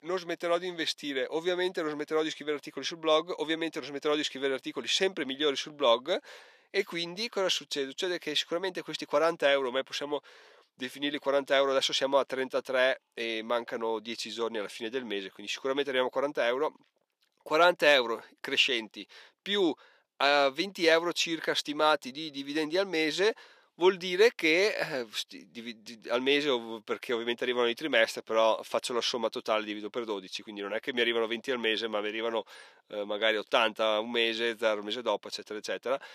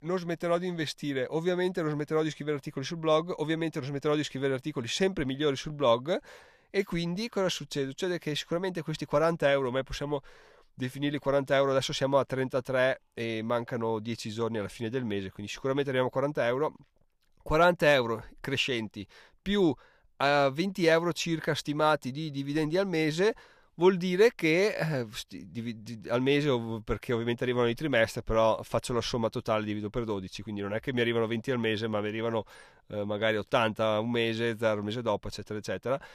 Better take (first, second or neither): second